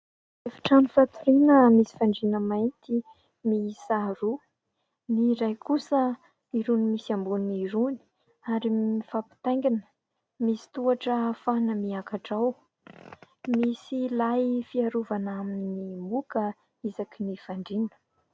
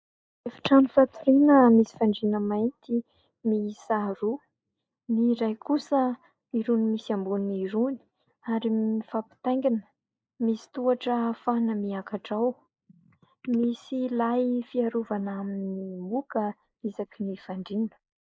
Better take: first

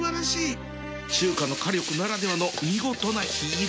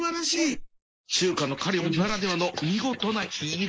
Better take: first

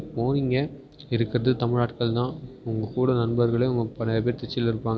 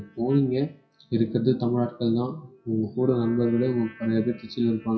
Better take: first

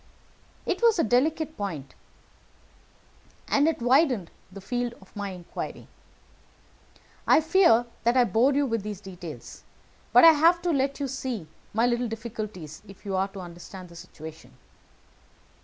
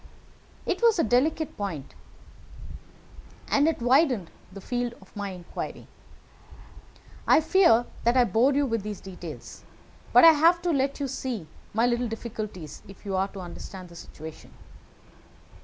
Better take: first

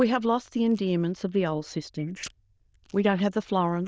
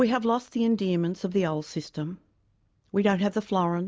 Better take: second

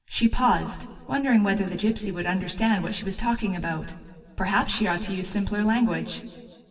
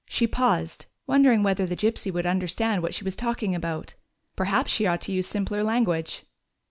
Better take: second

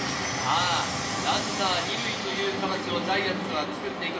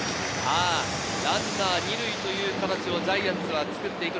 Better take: second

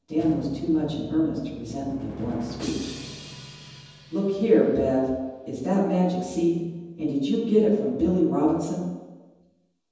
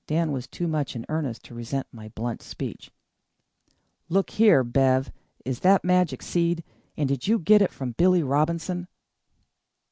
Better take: second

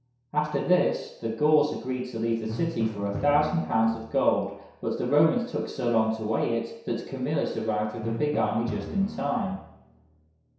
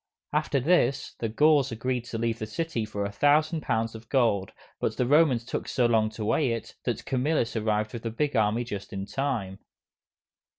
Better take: second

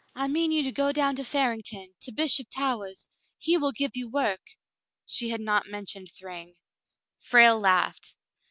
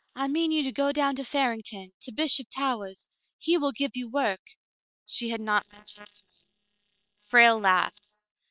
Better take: first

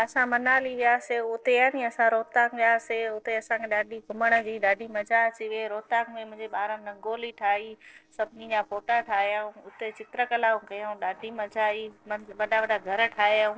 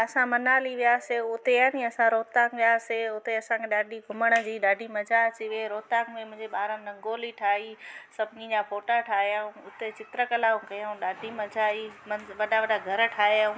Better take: second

